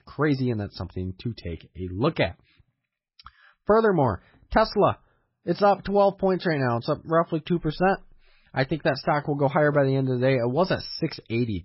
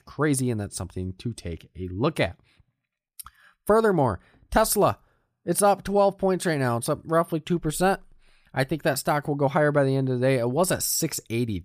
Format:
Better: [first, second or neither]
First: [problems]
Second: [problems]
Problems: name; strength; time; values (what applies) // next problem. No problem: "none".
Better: second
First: garbled, watery; badly; nothing above 5.5 kHz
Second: none